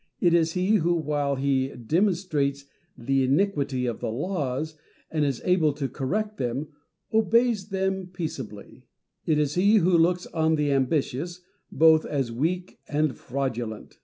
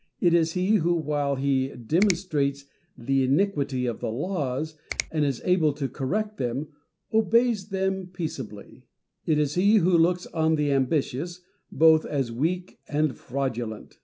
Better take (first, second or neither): first